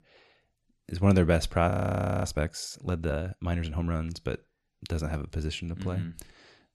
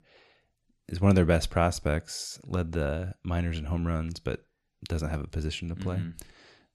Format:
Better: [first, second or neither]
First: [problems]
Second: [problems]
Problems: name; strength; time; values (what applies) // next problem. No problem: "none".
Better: second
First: audio freezing; at 1.5 s for 0.5 s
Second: none